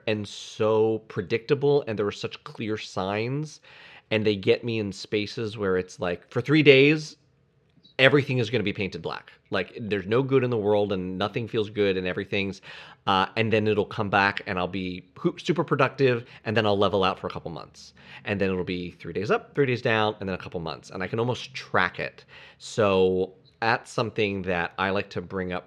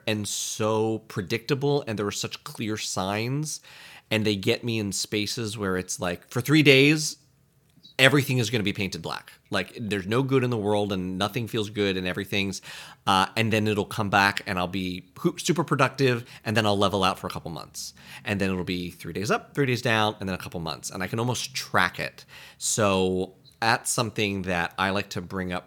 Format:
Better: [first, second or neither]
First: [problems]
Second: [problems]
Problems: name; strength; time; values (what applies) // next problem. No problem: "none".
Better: second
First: muffled; slightly; fading above 3 kHz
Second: none